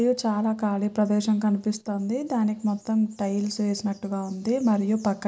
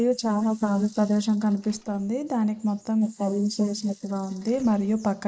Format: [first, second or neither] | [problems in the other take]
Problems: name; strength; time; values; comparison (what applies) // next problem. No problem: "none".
first | noise reduction (neural mask model Resemble Enhance denoiser)